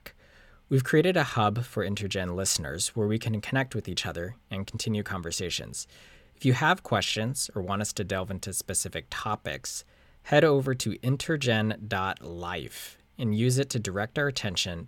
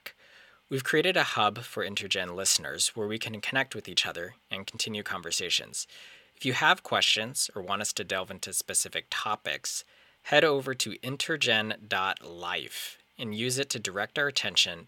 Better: first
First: none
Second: thin; somewhat; fading below 1 kHz

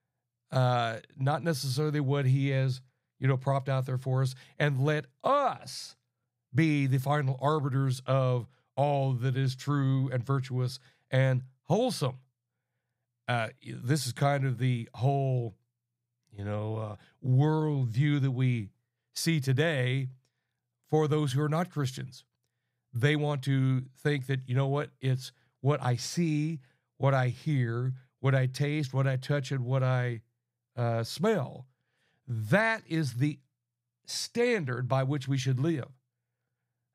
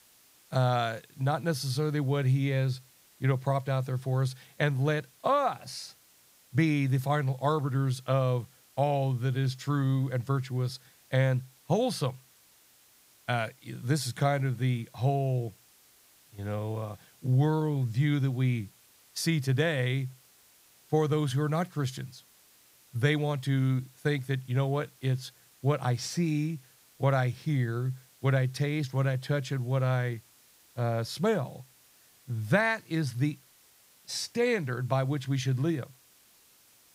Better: first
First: none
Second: hiss; faint; throughout; 30 dB below the speech

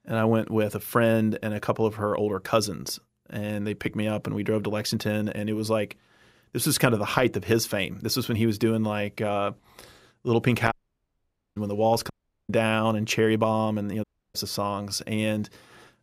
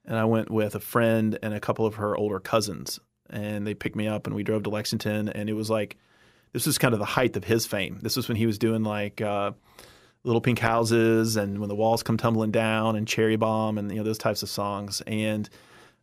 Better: second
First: audio cutting out; at 11 s for 1 s, at 12 s and at 14 s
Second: none

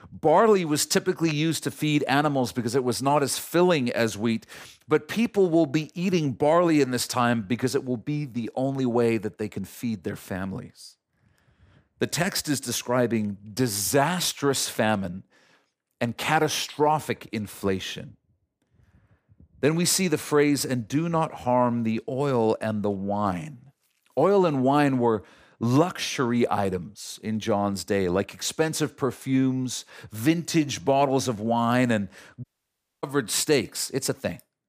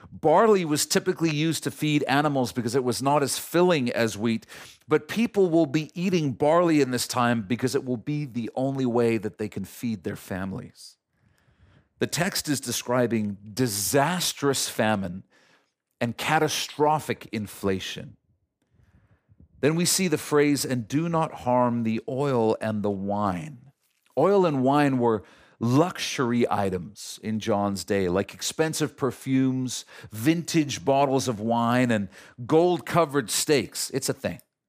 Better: second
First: audio cutting out; at 32 s for 0.5 s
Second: none

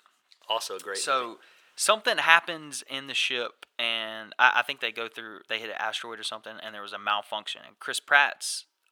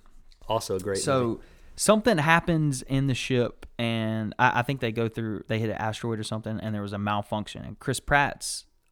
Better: second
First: thin; very; fading below 700 Hz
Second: none

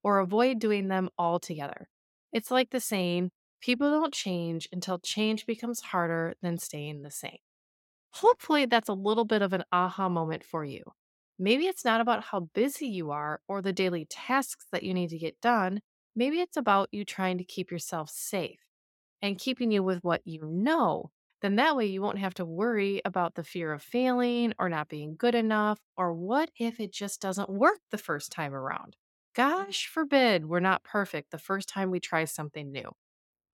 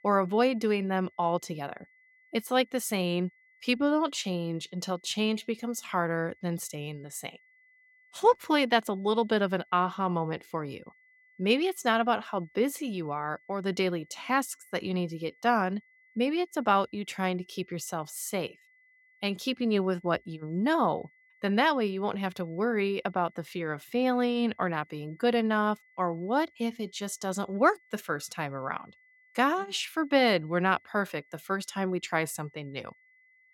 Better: first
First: none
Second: high-pitched whine; faint; throughout; 2 kHz, 30 dB below the speech

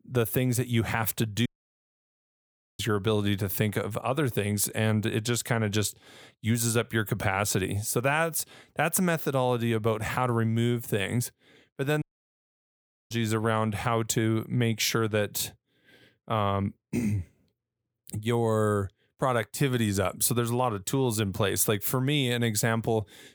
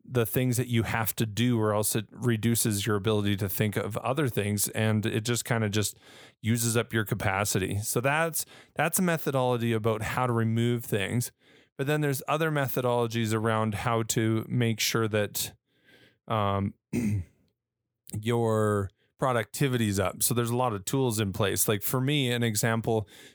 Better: second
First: audio cutting out; at 1.5 s for 1.5 s and at 12 s for 1 s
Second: none

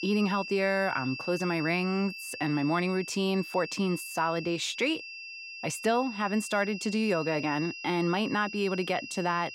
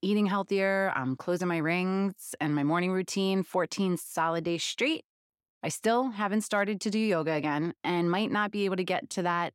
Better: second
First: high-pitched whine; loud; throughout; 2.5 kHz, 9 dB below the speech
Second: none

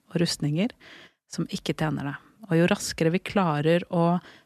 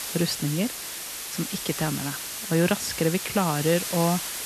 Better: first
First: none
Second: hiss; loud; throughout; 5 dB below the speech

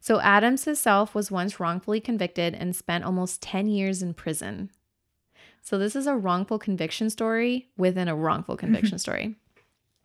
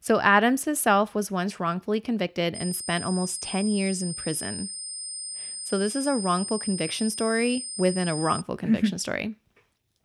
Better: first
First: none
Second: high-pitched whine; loud; from 2.5 to 8.5 s; 8.5 kHz, 7 dB below the speech

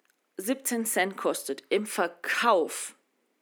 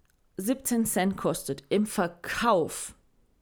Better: second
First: thin; very slightly; fading below 250 Hz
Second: none

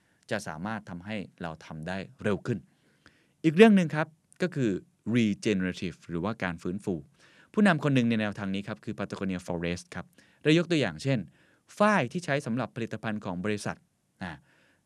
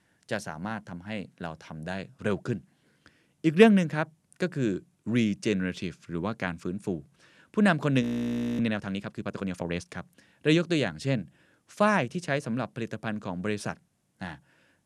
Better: first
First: none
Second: audio freezing; at 8 s for 0.5 s

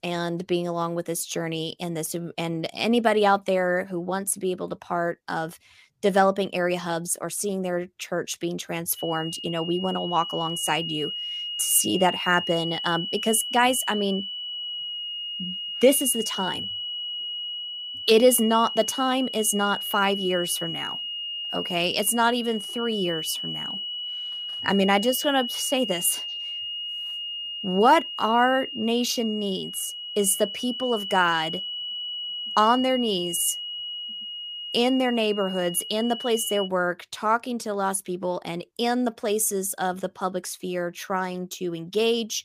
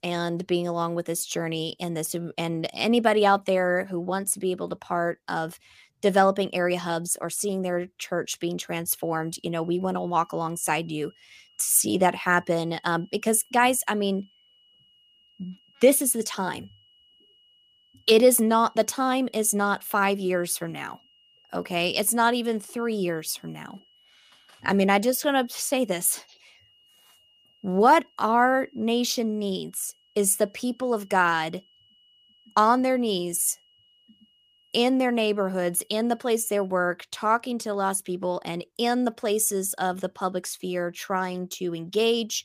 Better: second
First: high-pitched whine; loud; from 9 to 37 s; 3 kHz, 6 dB below the speech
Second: high-pitched whine; faint; from 9 to 37 s; 3 kHz, 35 dB below the speech

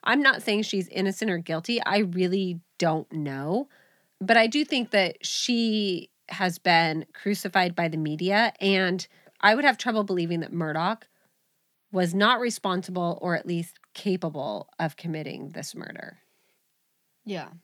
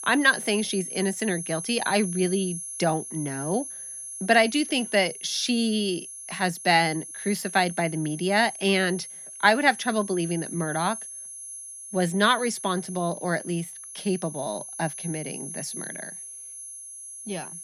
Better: first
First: none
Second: high-pitched whine; loud; throughout; 10.5 kHz, 10 dB below the speech

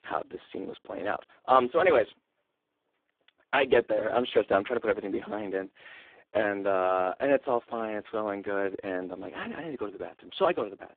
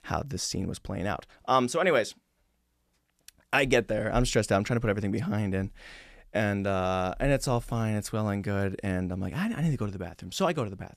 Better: second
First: phone-call audio; poor line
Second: none

